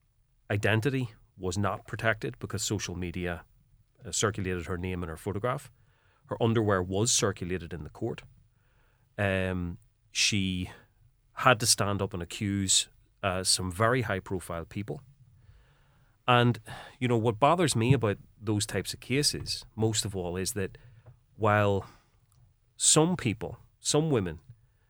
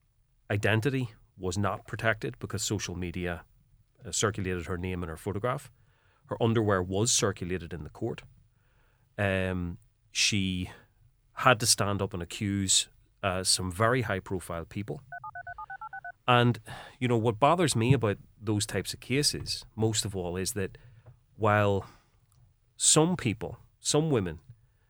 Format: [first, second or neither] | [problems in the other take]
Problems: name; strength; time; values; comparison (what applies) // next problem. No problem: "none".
first | phone ringing; faint; at 15 s; peak 10 dB below the speech